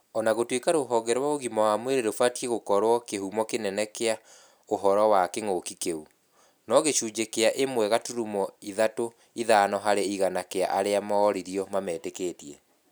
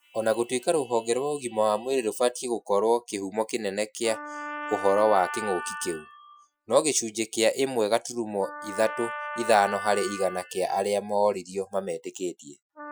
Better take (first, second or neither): first